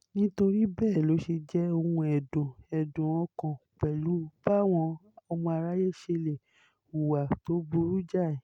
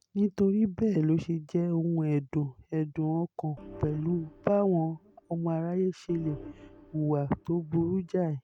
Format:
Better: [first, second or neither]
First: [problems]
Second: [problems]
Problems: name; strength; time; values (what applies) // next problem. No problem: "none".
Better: first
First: none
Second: background sound (Organ); 20 dB below the speech